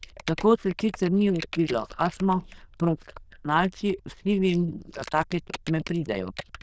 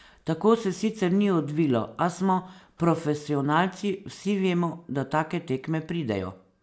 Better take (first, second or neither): second